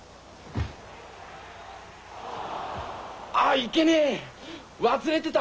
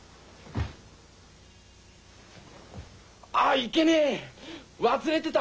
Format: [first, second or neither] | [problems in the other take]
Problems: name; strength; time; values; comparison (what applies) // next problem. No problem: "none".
second | background sound (Cheering); 13 dB below the speech